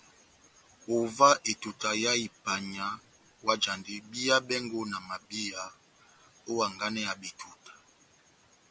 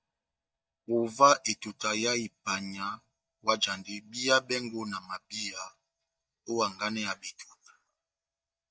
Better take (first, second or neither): first